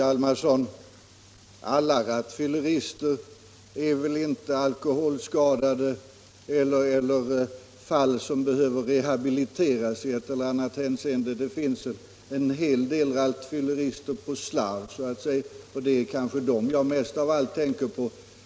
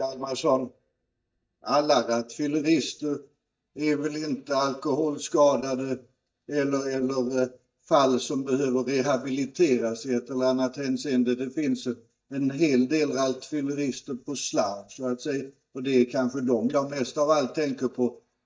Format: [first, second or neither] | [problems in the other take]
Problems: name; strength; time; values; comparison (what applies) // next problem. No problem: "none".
first | noise reduction (neural mask model DeepFilterNet 3)